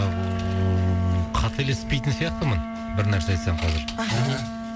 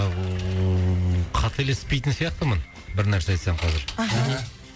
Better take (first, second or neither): second